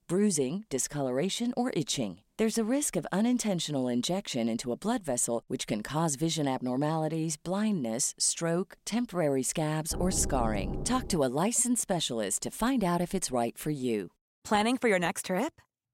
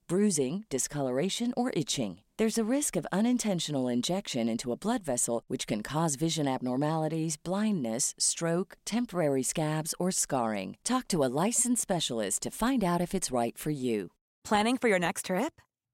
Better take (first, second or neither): second